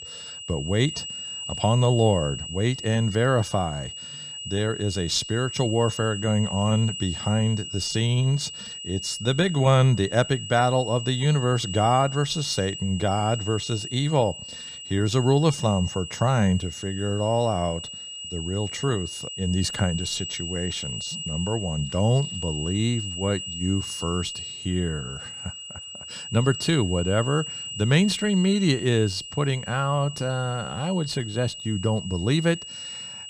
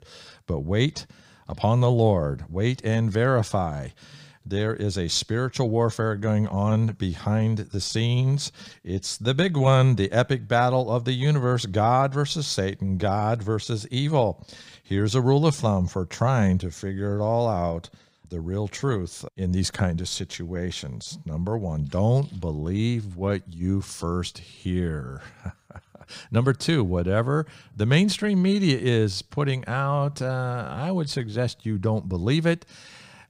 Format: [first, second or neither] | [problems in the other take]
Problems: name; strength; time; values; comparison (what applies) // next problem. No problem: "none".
second | high-pitched whine; loud; throughout; 3 kHz, 9 dB below the speech